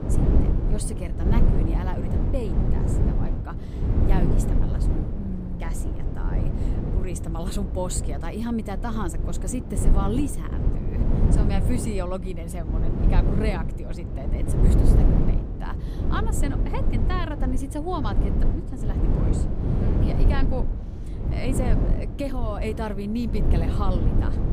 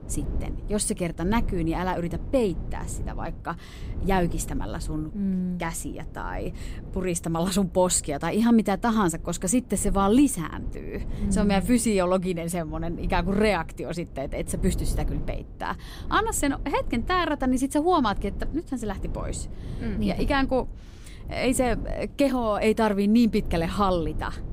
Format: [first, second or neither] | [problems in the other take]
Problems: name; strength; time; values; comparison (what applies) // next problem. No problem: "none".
second | low rumble; loud; throughout; 1 dB below the speech; faint in the second